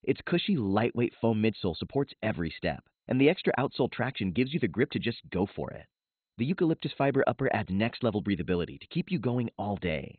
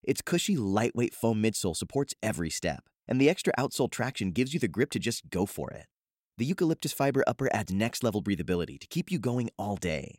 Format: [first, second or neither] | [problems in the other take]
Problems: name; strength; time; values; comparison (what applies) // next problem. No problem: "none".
second | garbled, watery; badly; nothing above 4 kHz